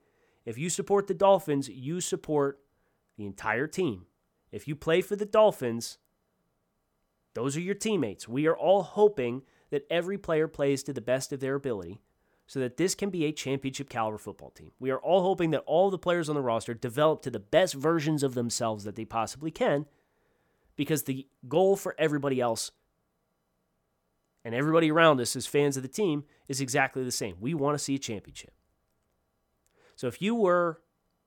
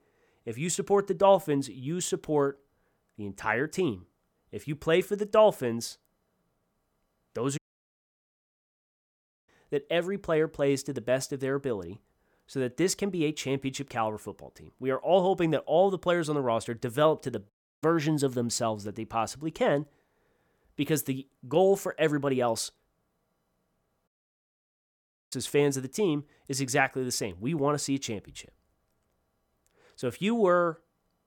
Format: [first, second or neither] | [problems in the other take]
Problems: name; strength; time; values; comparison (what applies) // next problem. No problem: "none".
first | audio cutting out; at 7.5 s for 2 s, at 18 s and at 24 s for 1 s